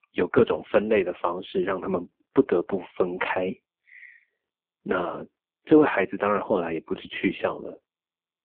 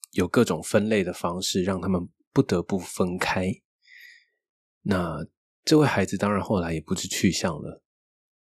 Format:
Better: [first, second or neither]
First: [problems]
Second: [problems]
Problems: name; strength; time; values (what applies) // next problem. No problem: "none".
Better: second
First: phone-call audio; poor line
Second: none